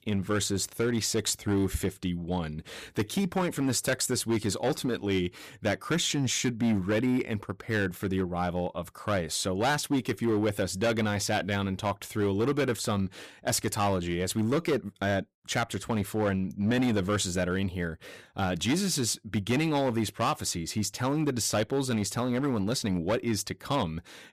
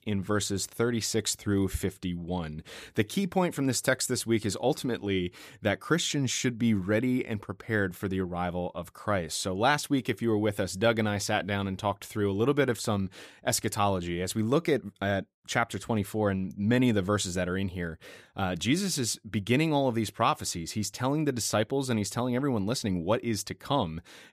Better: second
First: distortion; slight; 8% of the sound clipped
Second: none

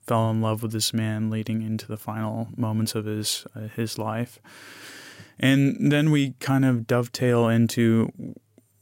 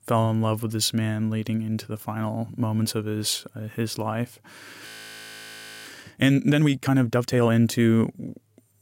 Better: first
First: none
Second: audio freezing; at 5 s for 1 s

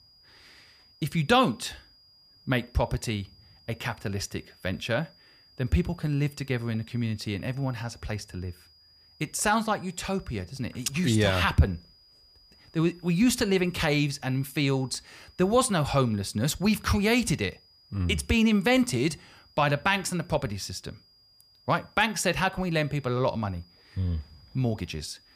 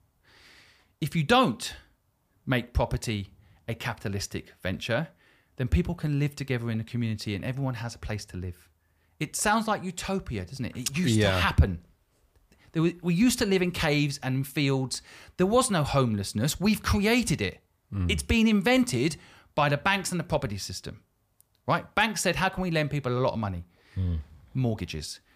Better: second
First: high-pitched whine; faint; throughout; 5 kHz, 30 dB below the speech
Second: none

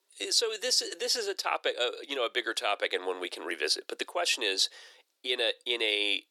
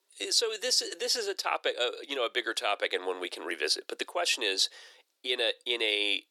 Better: neither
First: thin; very; fading below 350 Hz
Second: thin; very; fading below 350 Hz

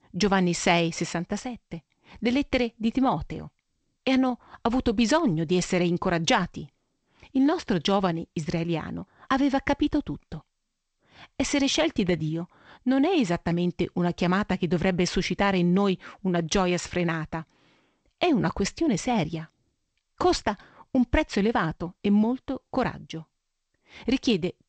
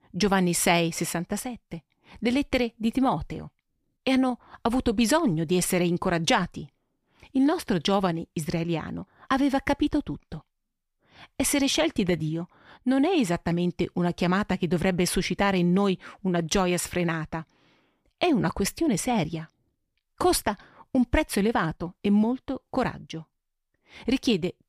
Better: second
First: garbled, watery; slightly; nothing above 8 kHz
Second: none

